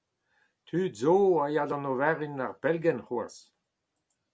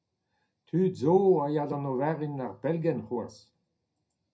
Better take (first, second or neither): first